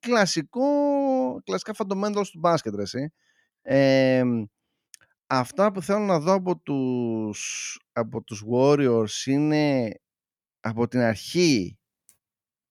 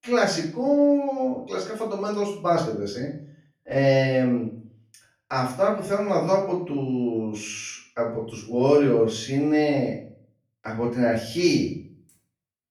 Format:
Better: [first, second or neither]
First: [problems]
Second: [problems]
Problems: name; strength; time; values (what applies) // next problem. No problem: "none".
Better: first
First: none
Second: room echo; slight; dies away in 0.4 s // off-mic speech; far